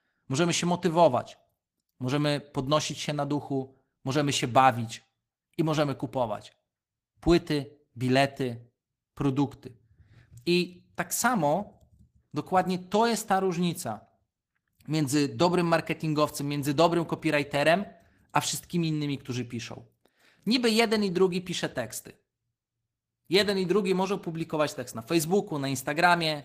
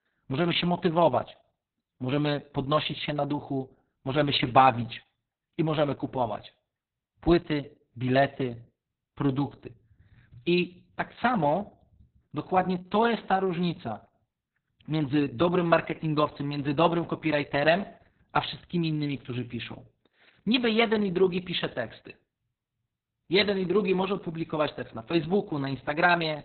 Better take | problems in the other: first | garbled, watery; badly; nothing above 4 kHz; slightly in the first

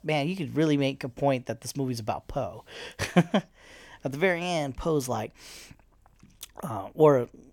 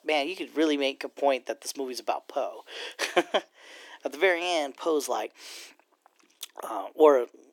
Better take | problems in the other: first | thin; somewhat; fading below 300 Hz

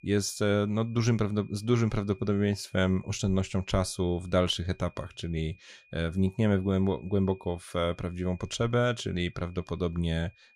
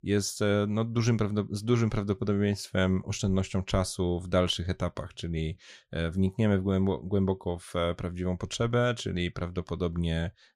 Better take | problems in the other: second | high-pitched whine; faint; throughout; 2.5 kHz, 30 dB below the speech

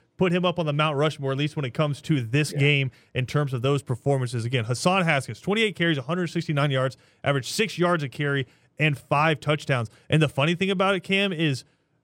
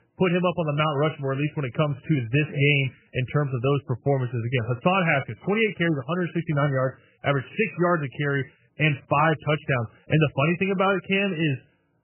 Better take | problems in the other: first | garbled, watery; badly; nothing above 3 kHz

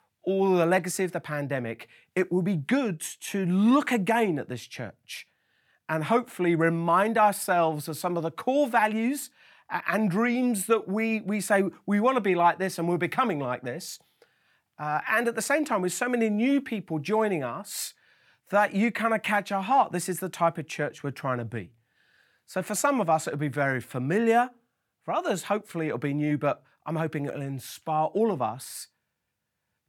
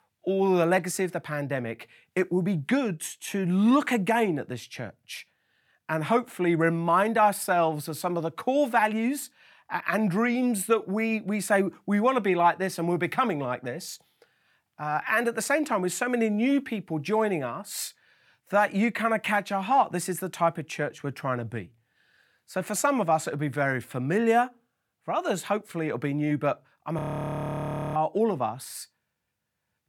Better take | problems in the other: first | audio freezing; at 27 s for 1 s

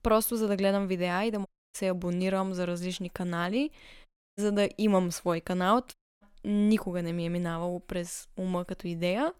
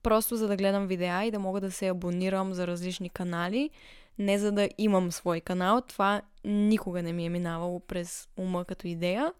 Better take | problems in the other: second | audio cutting out; at 1.5 s, at 4 s and at 6 s

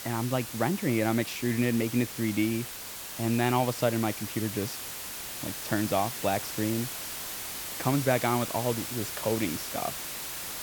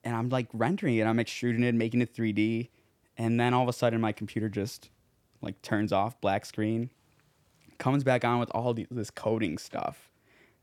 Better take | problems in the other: second | hiss; loud; throughout; 6 dB below the speech

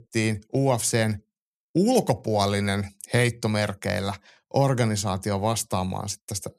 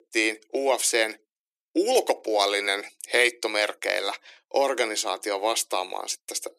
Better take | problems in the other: first | thin; very; fading below 300 Hz

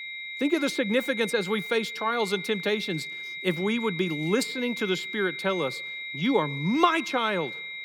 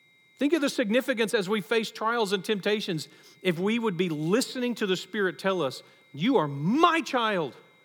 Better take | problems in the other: second | high-pitched whine; loud; throughout; 2 kHz, 7 dB below the speech; faint in the second

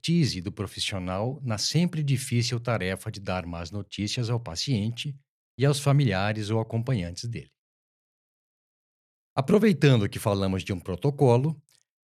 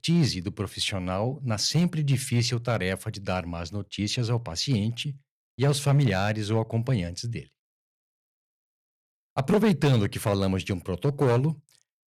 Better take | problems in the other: first | distortion; slight; 3% of the sound clipped

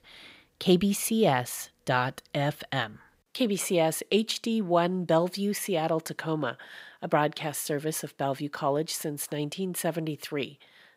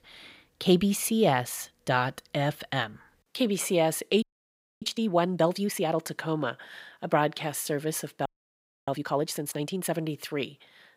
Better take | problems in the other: first | audio freezing; at 4 s for 0.5 s and at 8.5 s for 0.5 s

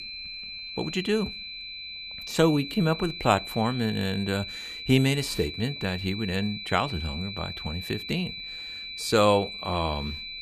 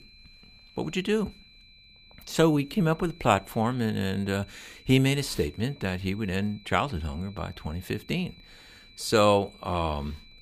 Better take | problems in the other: second | high-pitched whine; loud; throughout; 4 kHz, 8 dB below the speech; faint in the second

